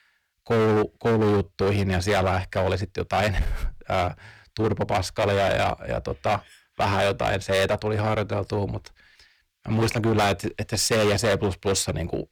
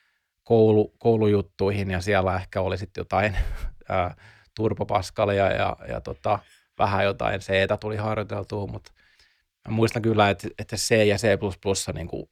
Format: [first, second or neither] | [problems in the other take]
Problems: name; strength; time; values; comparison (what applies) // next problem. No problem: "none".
second | distortion; heavy; 15% of the sound clipped